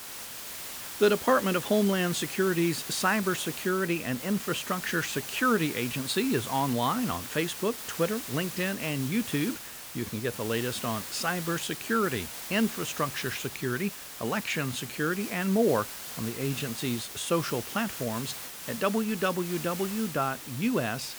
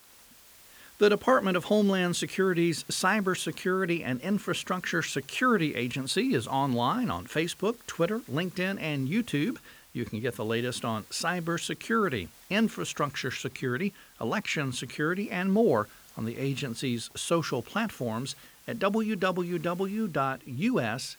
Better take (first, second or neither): second